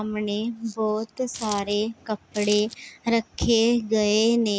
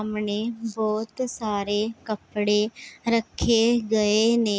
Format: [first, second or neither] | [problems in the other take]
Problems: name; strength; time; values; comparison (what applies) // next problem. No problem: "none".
second | background sound (Coin (dropping)); 12 dB below the speech